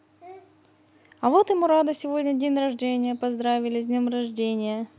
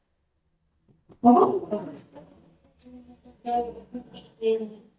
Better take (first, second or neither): first